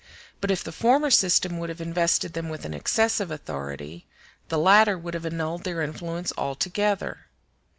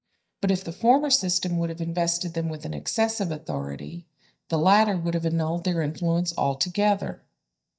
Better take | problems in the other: first | noise reduction (neural mask model DeepFilterNet 3)

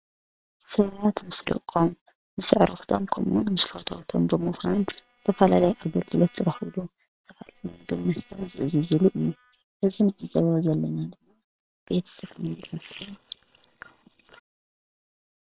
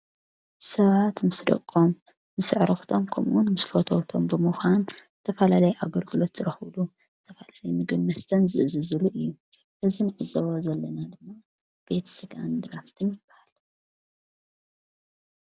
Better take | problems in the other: second | noise reduction (neural separator model SepFormer WHAM!)

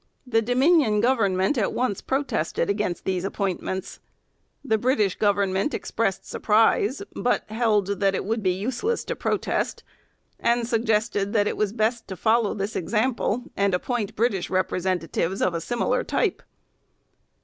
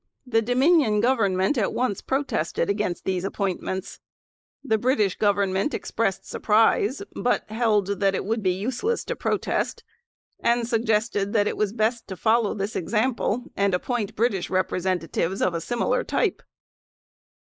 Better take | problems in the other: first | noise reduction (neural mask model Resemble Enhance denoiser)

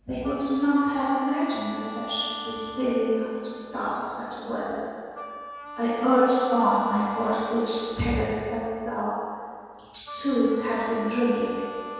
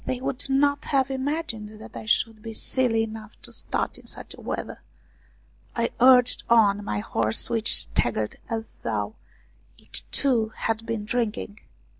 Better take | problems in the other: second | background sound (Wind instrument, woodwind instrument); 13 dB below the speech // room echo; dies away in 1.9 s

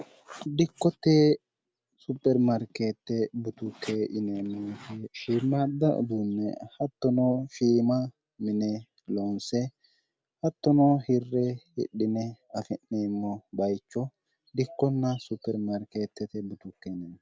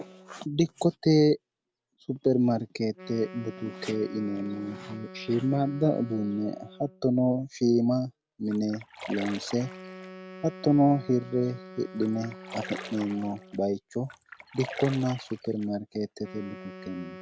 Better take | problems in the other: first | background sound (Splash, splatter + Wind instrument, woodwind instrument); 16 dB below the speech

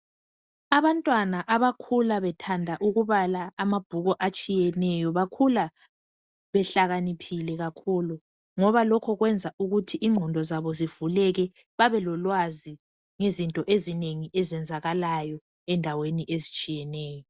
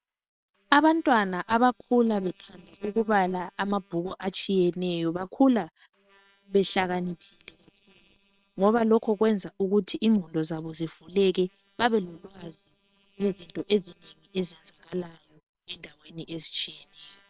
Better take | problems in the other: first | noise reduction (neural separator model SepFormer WHAM!)

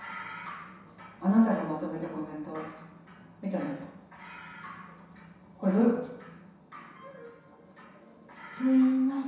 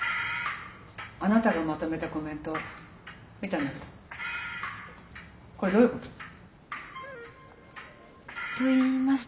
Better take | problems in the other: second | room echo; dies away in 0.7 s

